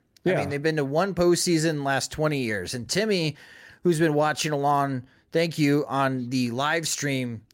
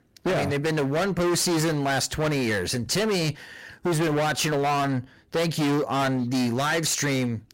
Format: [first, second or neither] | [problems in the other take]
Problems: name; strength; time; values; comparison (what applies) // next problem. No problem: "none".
first | distortion; heavy; 29% of the sound clipped